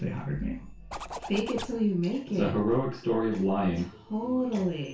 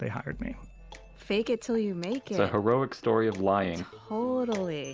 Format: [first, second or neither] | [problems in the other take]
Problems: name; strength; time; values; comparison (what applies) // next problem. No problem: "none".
second | background sound (Zipper (clothing)); 11 dB below the speech // room echo; dies away in 0.2 s